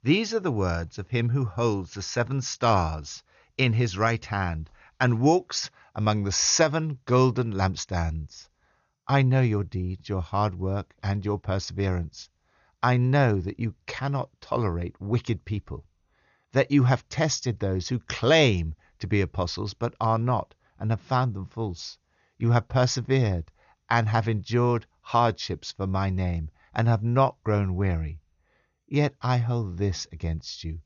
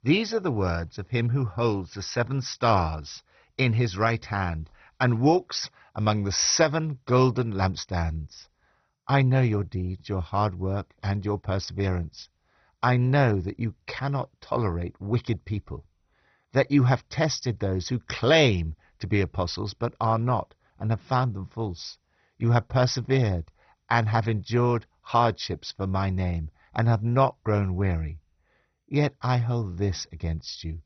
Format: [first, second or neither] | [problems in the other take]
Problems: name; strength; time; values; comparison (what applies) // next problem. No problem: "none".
first | garbled, watery; badly; nothing above 6 kHz; slightly in the first